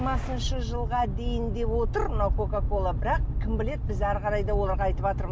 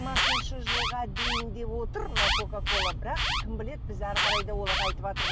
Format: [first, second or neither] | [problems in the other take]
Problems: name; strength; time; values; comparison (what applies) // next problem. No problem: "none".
first | background sound (Alarm); 1 dB above the speech